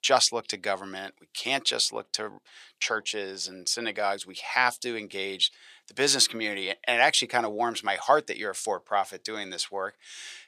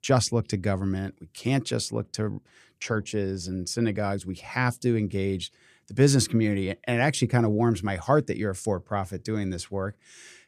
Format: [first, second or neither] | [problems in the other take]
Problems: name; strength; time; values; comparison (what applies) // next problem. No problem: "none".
second | thin; very; fading below 650 Hz